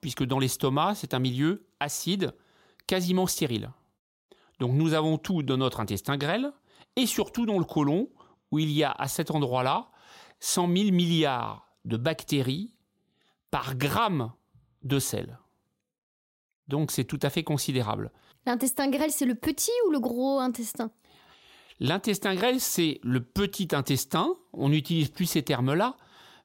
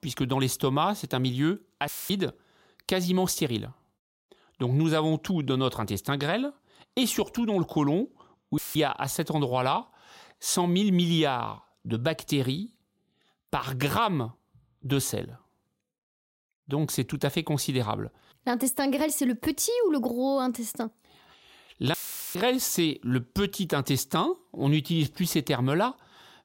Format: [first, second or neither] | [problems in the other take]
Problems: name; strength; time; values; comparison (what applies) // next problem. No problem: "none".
first | audio cutting out; filled with static; at 2 s, at 8.5 s and at 22 s